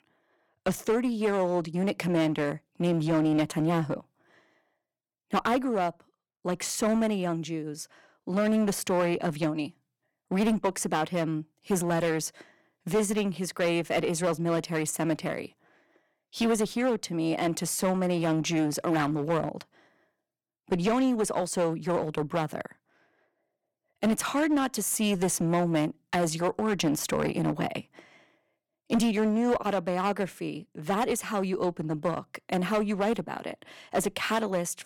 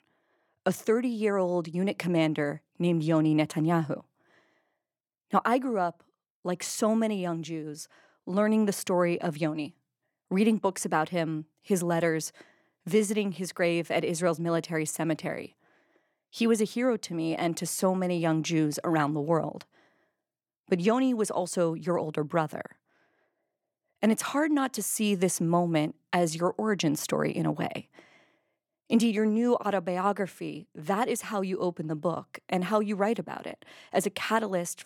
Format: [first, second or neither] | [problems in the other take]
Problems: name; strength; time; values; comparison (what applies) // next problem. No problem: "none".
second | distortion; slight; 8% of the sound clipped